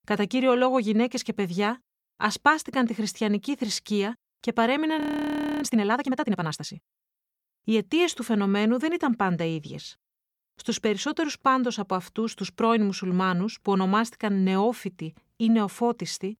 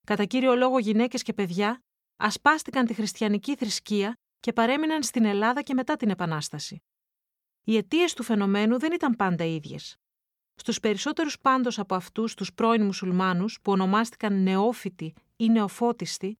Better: second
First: audio freezing; at 5 s for 0.5 s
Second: none

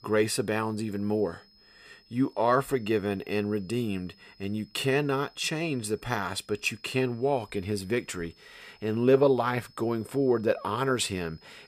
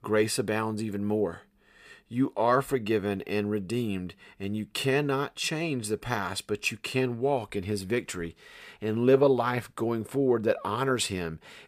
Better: second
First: high-pitched whine; faint; throughout; 5 kHz, 30 dB below the speech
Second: none

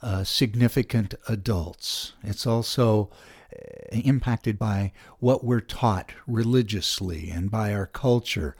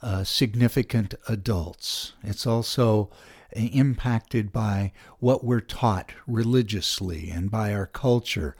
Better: second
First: audio freezing; at 3.5 s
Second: none

